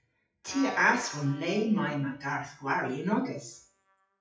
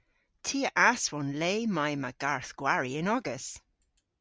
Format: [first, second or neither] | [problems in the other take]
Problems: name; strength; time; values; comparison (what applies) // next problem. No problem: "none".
second | noise reduction (classical method WPE with log-MMSE)